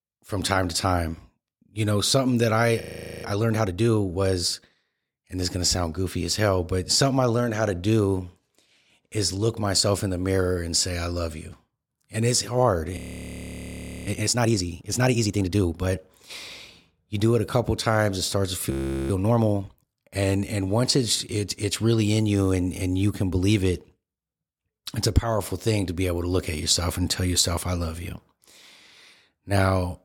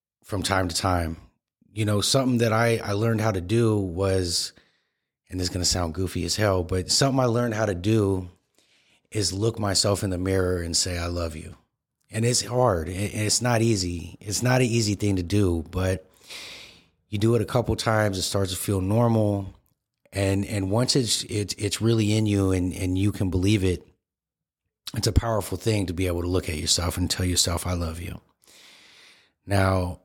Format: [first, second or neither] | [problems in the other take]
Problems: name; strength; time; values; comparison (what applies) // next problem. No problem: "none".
second | audio freezing; at 3 s, at 13 s for 1 s and at 19 s